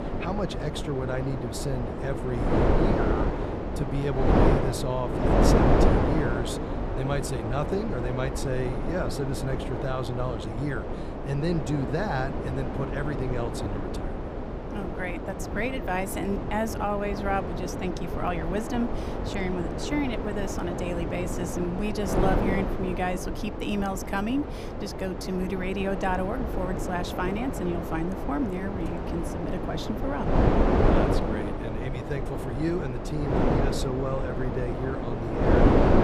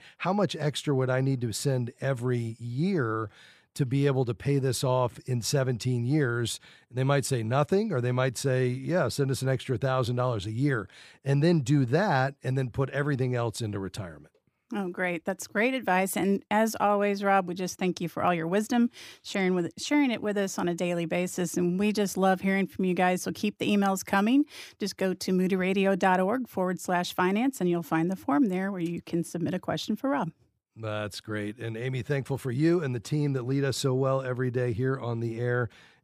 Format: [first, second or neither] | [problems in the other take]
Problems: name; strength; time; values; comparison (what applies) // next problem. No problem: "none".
second | wind noise on the microphone; heavy; 2 dB above the speech